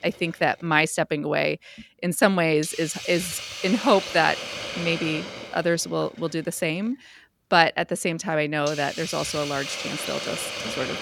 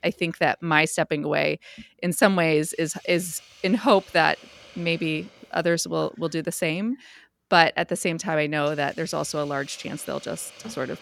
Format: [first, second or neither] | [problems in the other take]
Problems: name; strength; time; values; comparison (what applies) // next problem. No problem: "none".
second | hiss; loud; throughout; 7 dB below the speech; faint in the second